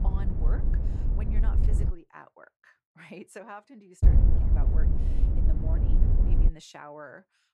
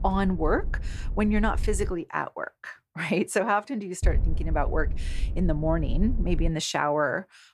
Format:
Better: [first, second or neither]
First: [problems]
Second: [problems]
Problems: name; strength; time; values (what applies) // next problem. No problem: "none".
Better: second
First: wind noise on the microphone; heavy; until 2 s and from 4 to 6.5 s; 2 dB above the speech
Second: wind noise on the microphone; occasional gusts; until 2 s and from 4 to 6.5 s; 20 dB below the speech